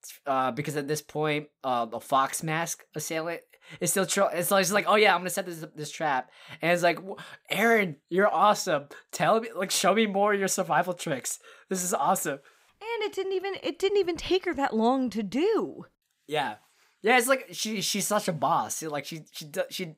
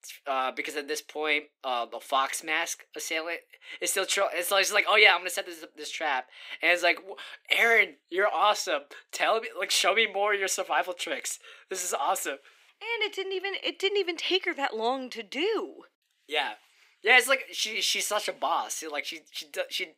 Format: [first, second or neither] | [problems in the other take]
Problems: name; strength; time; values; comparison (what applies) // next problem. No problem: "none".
first | thin; somewhat; fading below 300 Hz